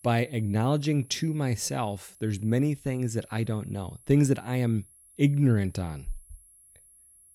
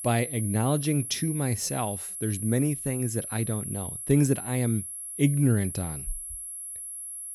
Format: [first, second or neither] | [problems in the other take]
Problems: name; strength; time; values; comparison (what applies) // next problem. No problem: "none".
first | high-pitched whine; loud; throughout; 11 kHz, 7 dB below the speech; faint in the first